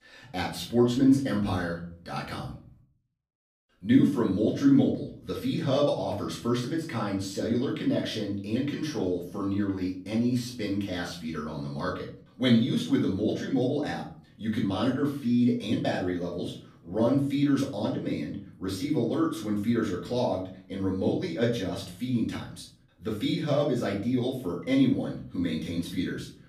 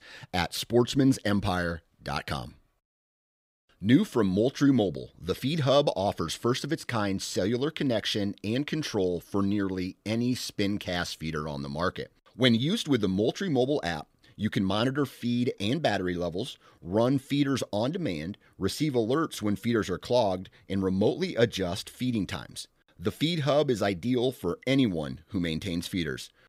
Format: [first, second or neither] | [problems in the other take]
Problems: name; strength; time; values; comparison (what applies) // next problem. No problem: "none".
second | off-mic speech; far // room echo; slight; dies away in 0.4 s